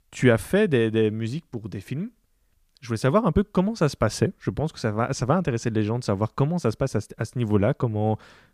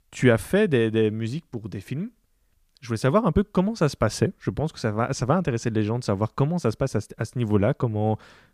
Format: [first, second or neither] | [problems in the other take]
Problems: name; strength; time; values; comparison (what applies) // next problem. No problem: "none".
neither | none